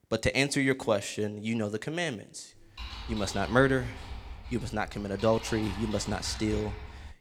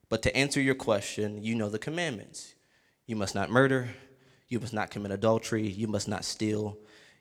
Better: second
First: keyboard typing; noticeable; from 2.5 s on; peak 10 dB below the speech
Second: none

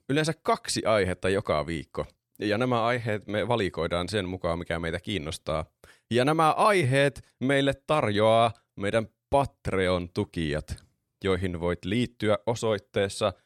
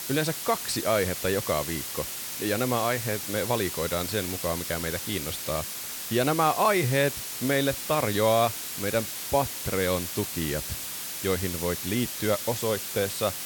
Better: first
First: none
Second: hiss; loud; throughout; 4 dB below the speech

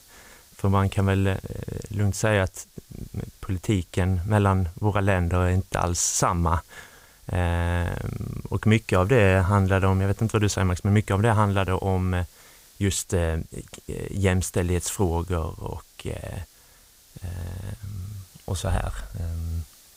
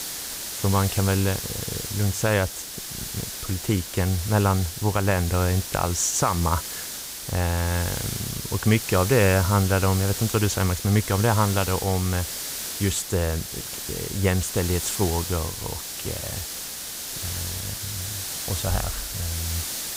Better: first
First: hiss; faint; throughout; 25 dB below the speech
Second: hiss; loud; throughout; 6 dB below the speech

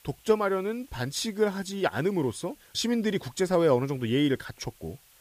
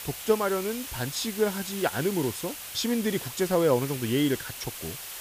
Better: first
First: hiss; faint; throughout; 30 dB below the speech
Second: hiss; loud; throughout; 8 dB below the speech

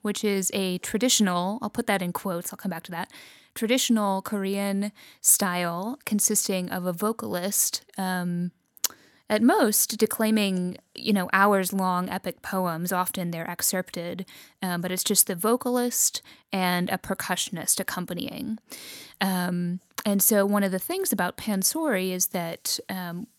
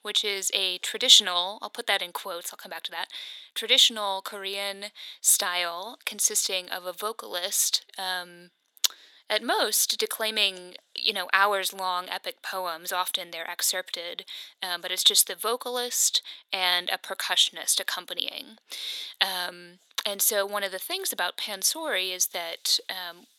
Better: first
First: none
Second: thin; very; fading below 450 Hz

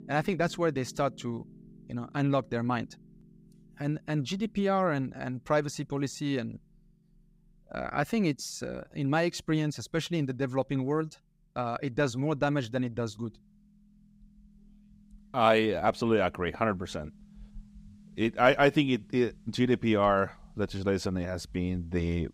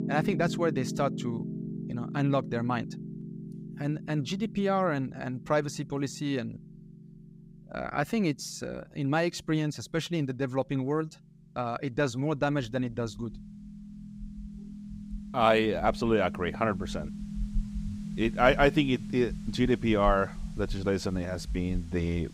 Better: first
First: background music; faint; throughout; 25 dB below the speech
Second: background music; loud; throughout; 10 dB below the speech

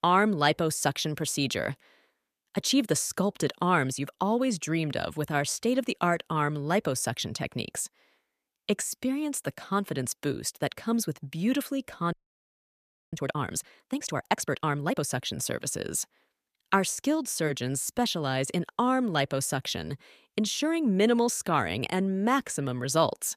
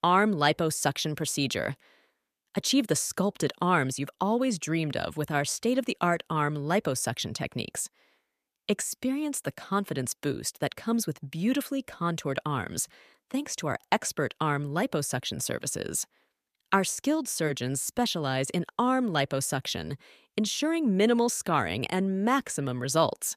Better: second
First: audio freezing; at 12 s for 1 s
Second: none

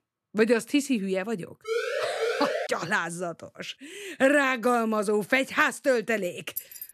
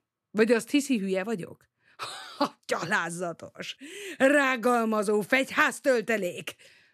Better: second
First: siren; noticeable; from 1.5 to 2.5 s; peak 2 dB below the speech // jangling keys; faint; at 6.5 s; peak 10 dB below the speech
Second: none

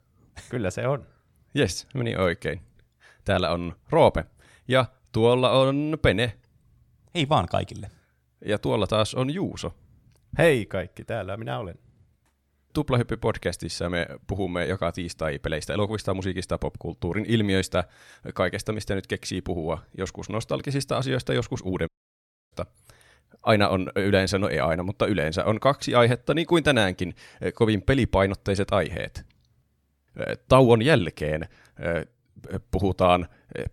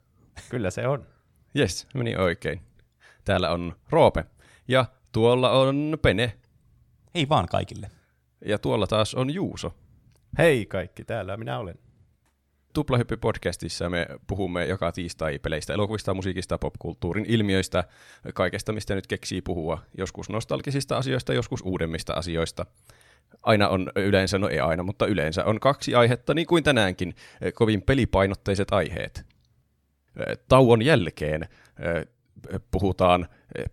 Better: second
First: audio cutting out; at 22 s for 0.5 s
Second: none

